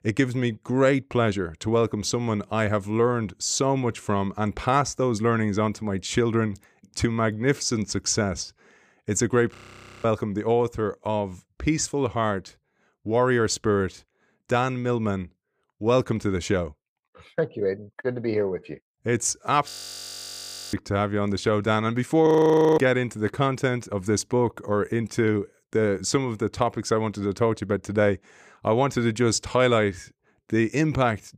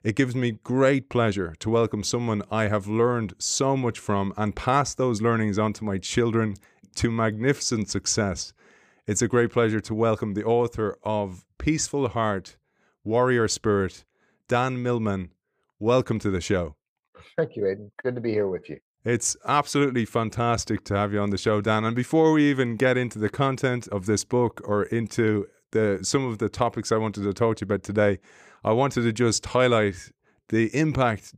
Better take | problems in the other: second | audio freezing; at 9.5 s, at 20 s for 1 s and at 22 s for 0.5 s

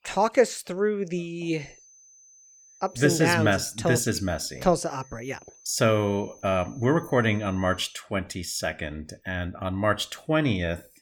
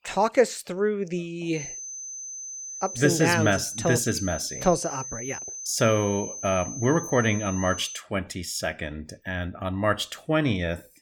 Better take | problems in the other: first | high-pitched whine; loud; from 1.5 to 8 s; 6 kHz, 8 dB below the speech; faint in the first

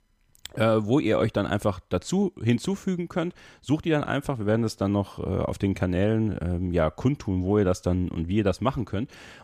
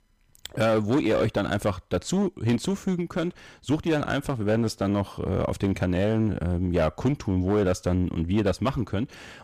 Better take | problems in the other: first | distortion; slight; 9% of the sound clipped

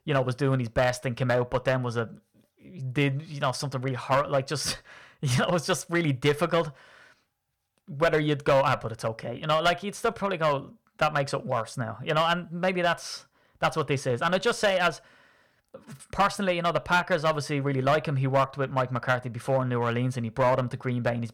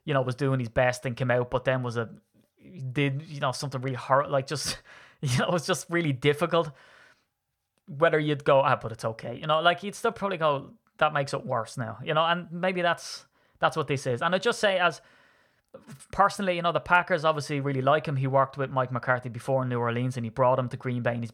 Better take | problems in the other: second | distortion; slight; 3% of the sound clipped

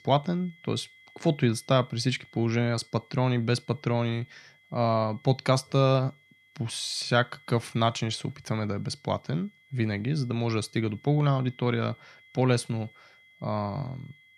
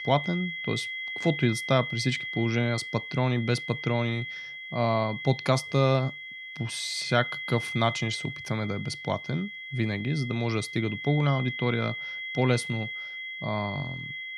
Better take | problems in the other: first | high-pitched whine; loud; throughout; 2 kHz, 6 dB below the speech; faint in the first

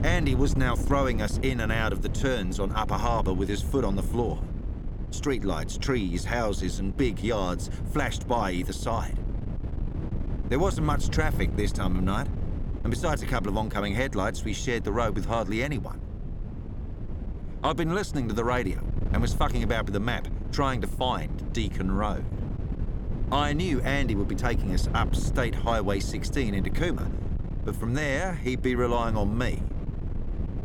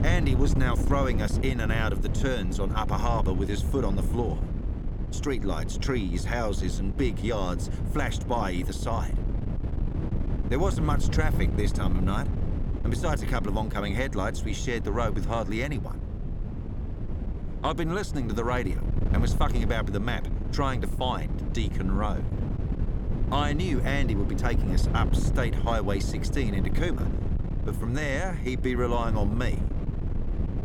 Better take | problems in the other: first | wind noise on the microphone; heavy; 9 dB below the speech; occasional gusts in the first

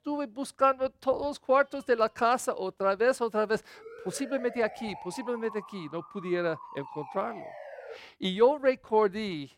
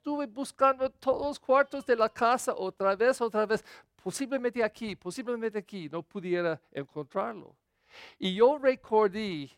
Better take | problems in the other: second | siren; faint; from 4 to 8 s; peak 15 dB below the speech

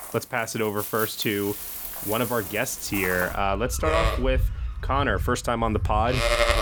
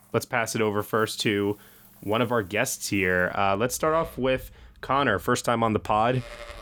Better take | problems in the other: second | animal sounds; loud; throughout; 3 dB below the speech; faint in the second

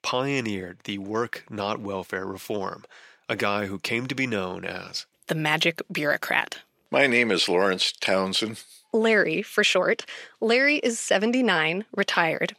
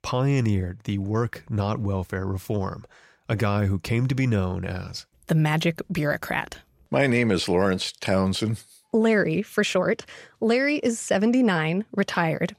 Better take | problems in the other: second | thin; somewhat; fading below 300 Hz

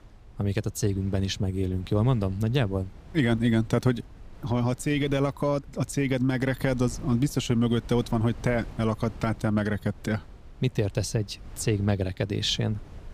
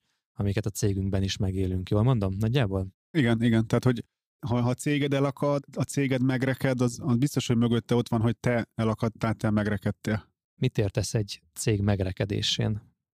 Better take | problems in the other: second | wind noise on the microphone; occasional gusts; 25 dB below the speech

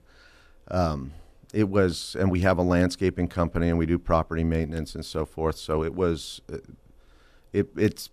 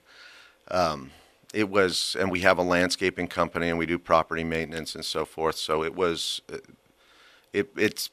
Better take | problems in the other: first | thin; somewhat; fading below 750 Hz

